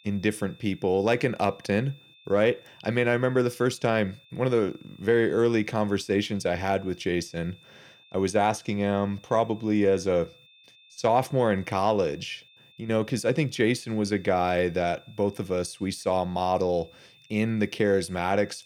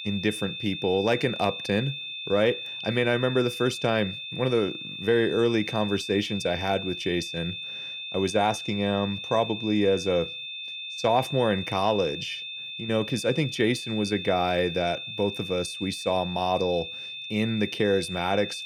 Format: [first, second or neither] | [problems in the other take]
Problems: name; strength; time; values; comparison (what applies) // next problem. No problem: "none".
first | high-pitched whine; loud; throughout; 3.5 kHz, 7 dB below the speech; faint in the first